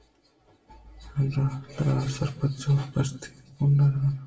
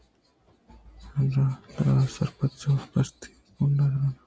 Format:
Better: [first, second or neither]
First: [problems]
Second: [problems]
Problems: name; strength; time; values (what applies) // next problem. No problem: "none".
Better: second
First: room echo; dies away in 0.6 s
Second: none